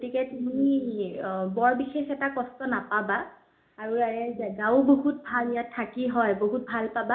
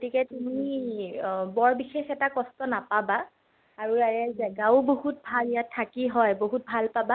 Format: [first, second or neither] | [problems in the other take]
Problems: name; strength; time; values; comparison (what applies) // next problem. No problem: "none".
second | room echo; dies away in 0.4 s